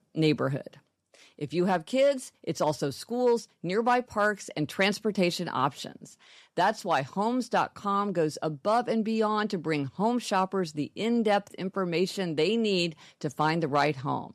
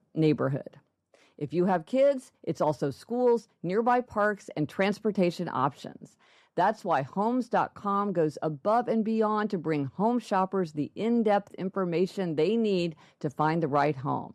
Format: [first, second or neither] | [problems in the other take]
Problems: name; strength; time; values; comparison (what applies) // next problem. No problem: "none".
first | muffled; slightly; fading above 2 kHz